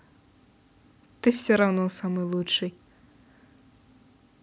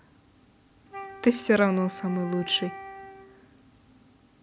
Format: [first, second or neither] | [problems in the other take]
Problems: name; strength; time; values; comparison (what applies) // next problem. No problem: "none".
first | background sound (Wind instrument, woodwind instrument); 14 dB below the speech